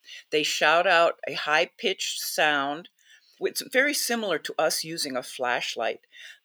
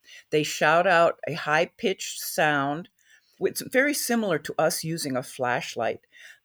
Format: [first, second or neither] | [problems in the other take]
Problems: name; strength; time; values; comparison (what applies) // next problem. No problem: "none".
second | thin; very slightly; fading below 300 Hz